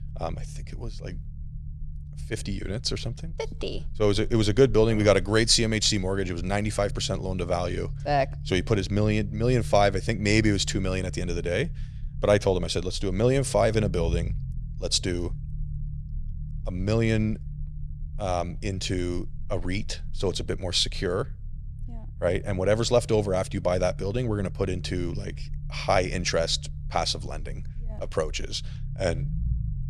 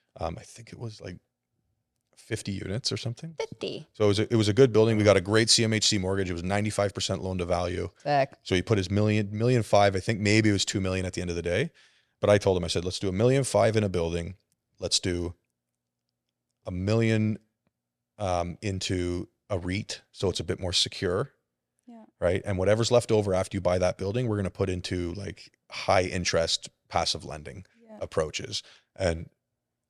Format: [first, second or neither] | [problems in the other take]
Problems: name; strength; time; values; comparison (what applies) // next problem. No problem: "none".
second | low rumble; faint; throughout; 25 dB below the speech